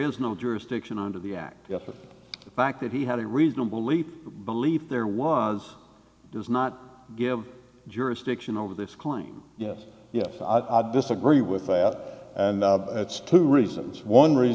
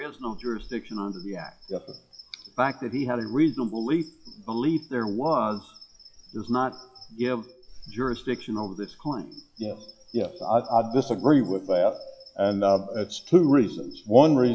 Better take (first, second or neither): first